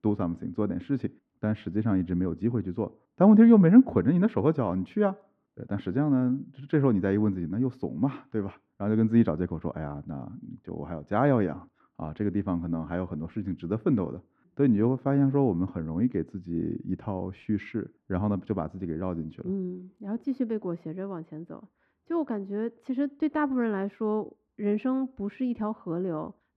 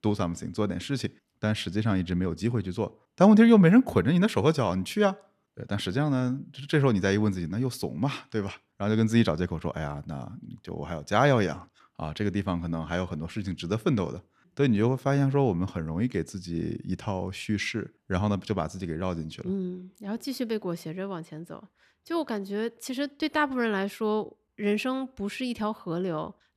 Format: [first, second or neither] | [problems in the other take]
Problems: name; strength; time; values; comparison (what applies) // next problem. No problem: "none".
second | muffled; very; fading above 3.5 kHz